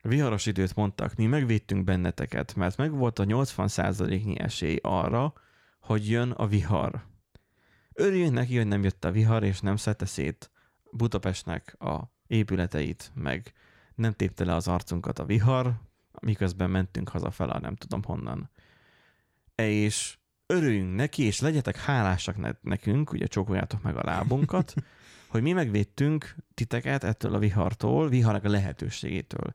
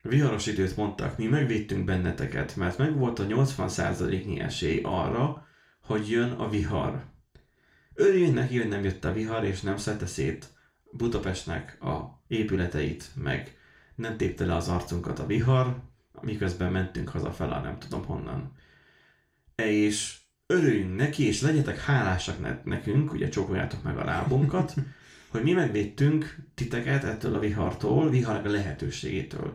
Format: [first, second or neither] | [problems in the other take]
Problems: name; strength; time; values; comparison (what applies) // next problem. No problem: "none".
first | room echo; very slight; dies away in 0.3 s // off-mic speech; somewhat distant